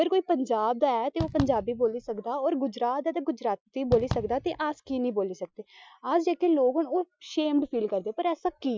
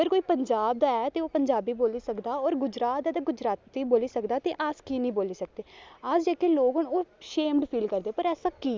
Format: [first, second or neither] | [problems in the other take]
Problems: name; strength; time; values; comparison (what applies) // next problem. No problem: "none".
second | noise reduction (classical method Wiener filter)